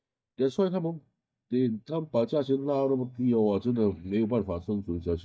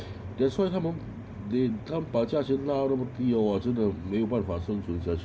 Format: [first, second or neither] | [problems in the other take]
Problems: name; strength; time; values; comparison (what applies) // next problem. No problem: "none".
second | noise reduction (neural mask model DeepFilterNet 3)